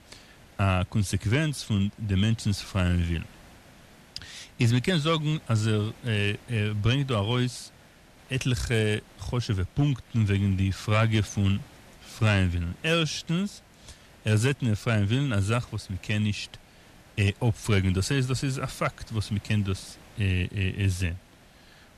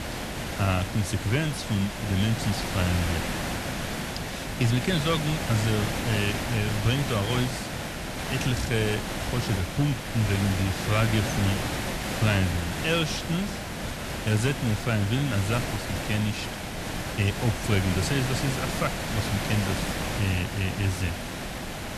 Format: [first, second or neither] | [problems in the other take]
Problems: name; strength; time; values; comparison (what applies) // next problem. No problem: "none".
first | hiss; loud; throughout; 3 dB below the speech; faint in the first